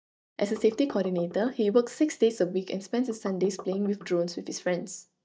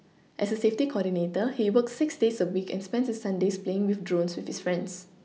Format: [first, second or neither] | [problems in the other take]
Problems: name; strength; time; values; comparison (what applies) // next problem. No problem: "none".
second | noise reduction (neural mask model DeepFilterNet 3)